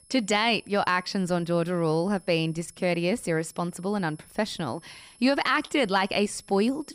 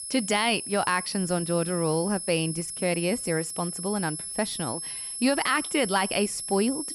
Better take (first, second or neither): first